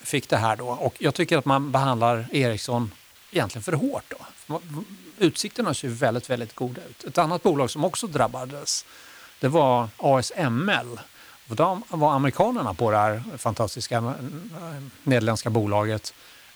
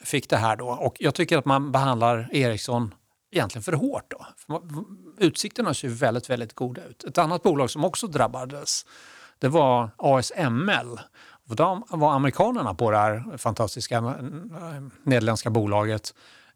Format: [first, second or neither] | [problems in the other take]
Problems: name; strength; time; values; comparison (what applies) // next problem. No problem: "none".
second | hiss; faint; throughout; 25 dB below the speech